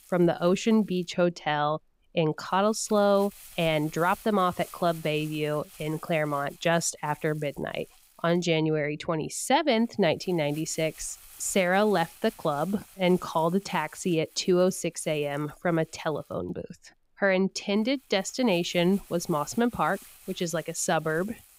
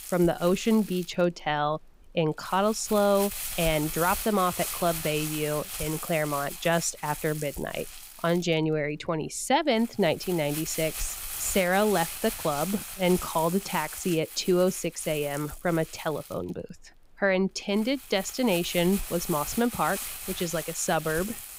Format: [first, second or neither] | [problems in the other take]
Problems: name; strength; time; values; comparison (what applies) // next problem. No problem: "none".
first | household noises; loud; throughout; 8 dB below the speech; faint in the first